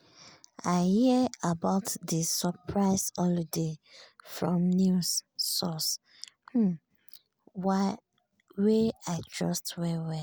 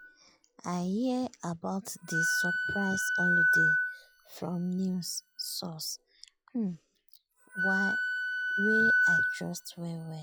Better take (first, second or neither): first